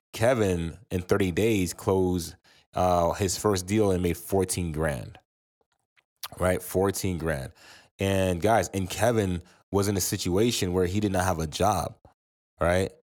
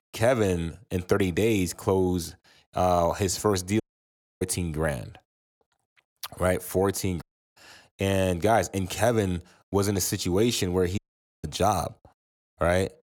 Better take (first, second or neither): first